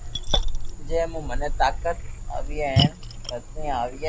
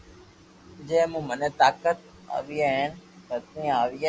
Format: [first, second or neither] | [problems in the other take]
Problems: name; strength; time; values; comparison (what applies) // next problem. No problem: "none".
second | background sound (Frog + Splash, splatter); 4 dB above the speech